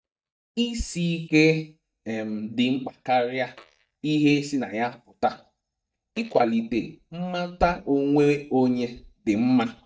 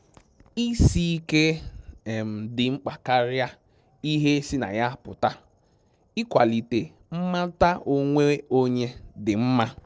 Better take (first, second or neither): second